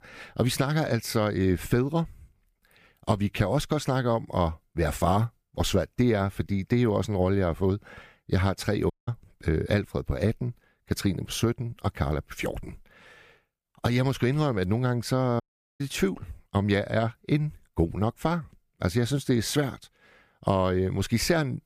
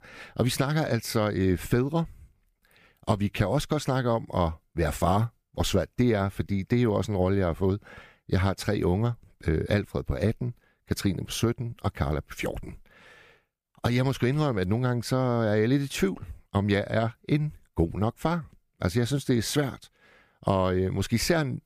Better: second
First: audio cutting out; at 9 s and at 15 s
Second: none

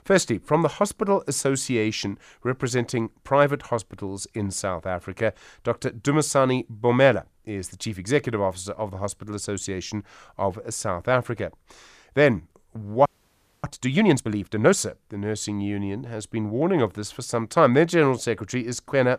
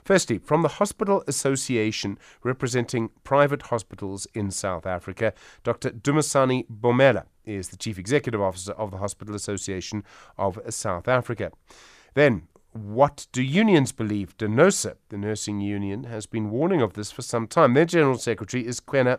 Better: second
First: audio freezing; at 13 s for 0.5 s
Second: none

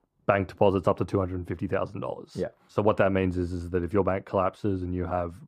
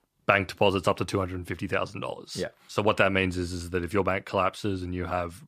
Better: second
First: muffled; slightly; fading above 1.5 kHz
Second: none

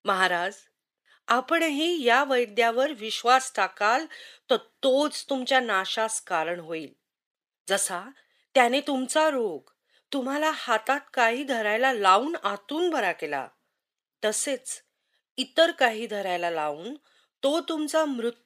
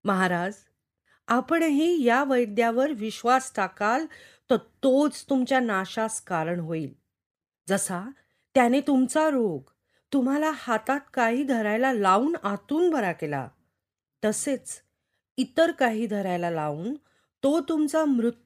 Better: second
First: thin; somewhat; fading below 450 Hz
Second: none

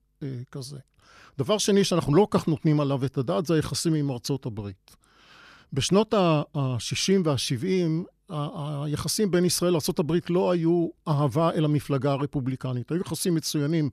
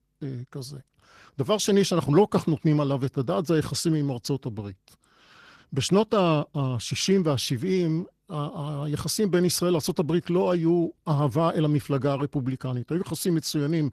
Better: first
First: none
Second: garbled, watery; slightly; nothing above 14.5 kHz

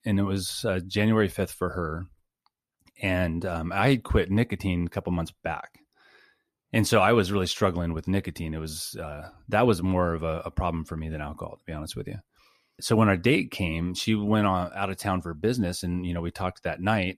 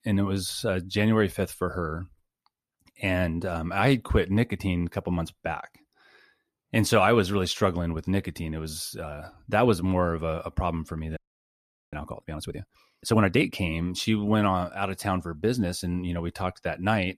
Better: first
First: none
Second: audio freezing; at 11 s for 1 s

